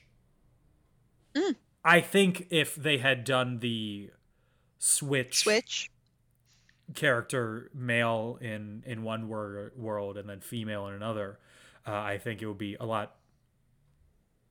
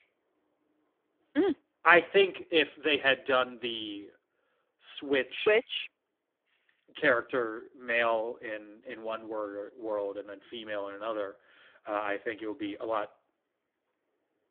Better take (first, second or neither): first